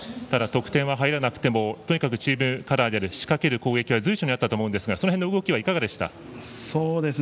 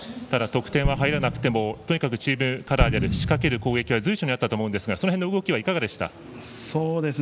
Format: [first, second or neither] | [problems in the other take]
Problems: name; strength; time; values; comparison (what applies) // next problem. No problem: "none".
first | background sound (Explosion); 4 dB below the speech